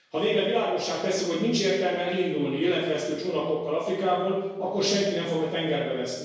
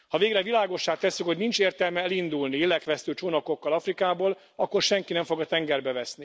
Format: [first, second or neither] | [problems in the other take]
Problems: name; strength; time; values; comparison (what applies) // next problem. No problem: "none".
second | room echo; dies away in 1 s